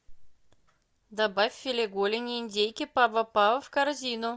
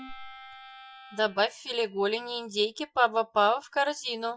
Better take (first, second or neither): first